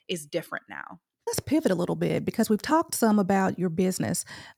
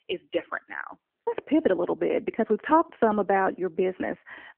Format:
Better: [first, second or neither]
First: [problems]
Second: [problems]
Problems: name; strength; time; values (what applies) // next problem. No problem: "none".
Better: first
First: none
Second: phone-call audio; nothing above 3 kHz